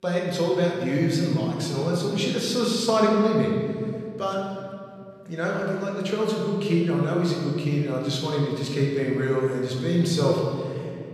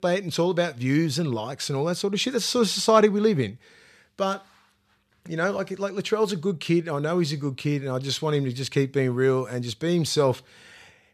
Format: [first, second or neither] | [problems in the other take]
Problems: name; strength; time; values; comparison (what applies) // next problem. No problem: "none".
second | room echo; noticeable; dies away in 2.2 s // off-mic speech; far